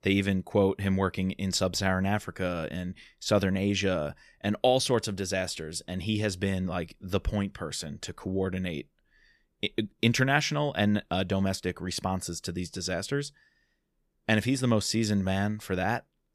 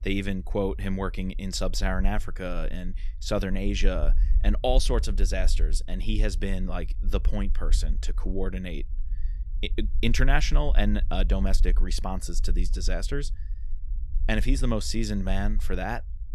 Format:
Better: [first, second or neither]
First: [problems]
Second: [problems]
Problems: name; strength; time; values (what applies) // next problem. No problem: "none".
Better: first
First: none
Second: low rumble; faint; throughout; 20 dB below the speech